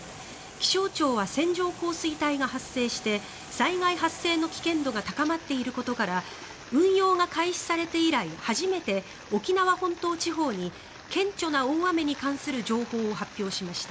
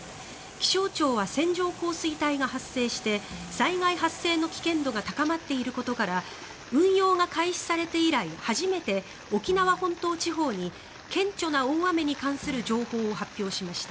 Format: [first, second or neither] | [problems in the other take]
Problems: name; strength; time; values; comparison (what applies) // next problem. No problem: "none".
first | background sound (Bowed string instrument); 20 dB below the speech